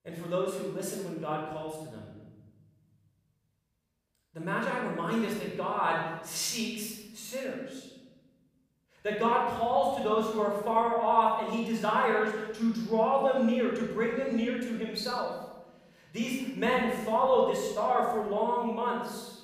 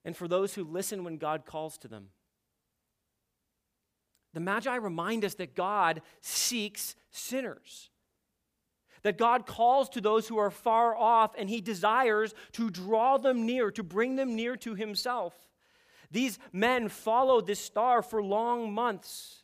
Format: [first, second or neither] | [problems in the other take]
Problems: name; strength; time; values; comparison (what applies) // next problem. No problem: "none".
second | room echo; noticeable; dies away in 1.6 s // off-mic speech; far